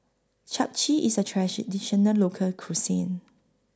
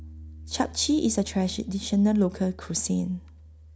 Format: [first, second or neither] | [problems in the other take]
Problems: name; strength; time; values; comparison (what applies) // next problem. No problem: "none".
first | background sound (Piano); 17 dB below the speech